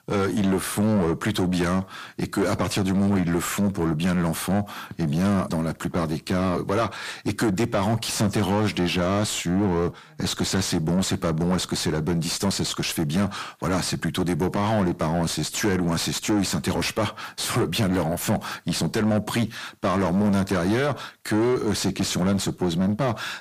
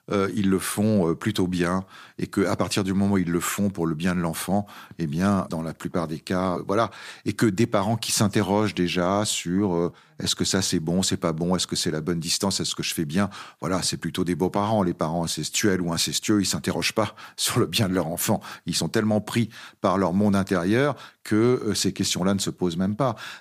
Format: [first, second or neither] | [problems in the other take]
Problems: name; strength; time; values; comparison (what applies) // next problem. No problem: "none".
second | distortion; heavy; 8 dB below the speech